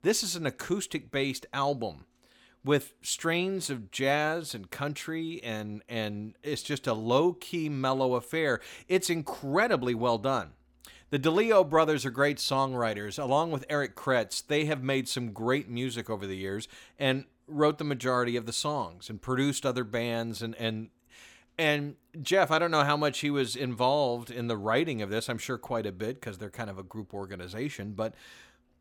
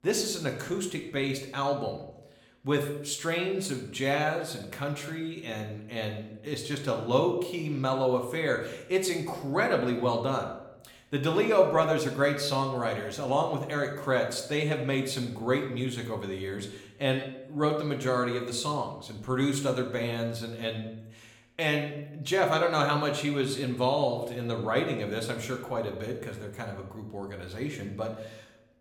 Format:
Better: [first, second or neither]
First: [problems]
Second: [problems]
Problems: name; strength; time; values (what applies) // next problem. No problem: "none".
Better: first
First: none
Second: room echo; slight; dies away in 0.6 s